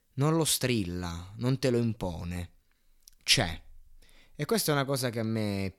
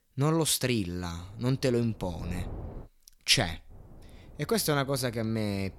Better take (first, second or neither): first